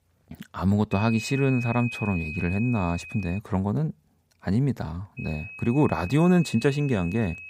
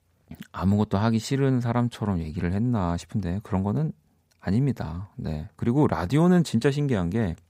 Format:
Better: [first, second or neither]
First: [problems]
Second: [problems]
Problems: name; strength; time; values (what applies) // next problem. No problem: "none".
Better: second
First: high-pitched whine; noticeable; from 1 to 3.5 s and from 5 s on; 2.5 kHz, 10 dB below the speech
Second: none